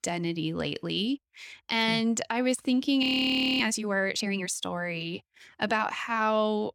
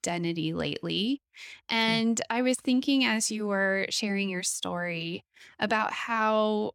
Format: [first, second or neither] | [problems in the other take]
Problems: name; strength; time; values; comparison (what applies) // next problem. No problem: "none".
second | audio freezing; at 3 s for 0.5 s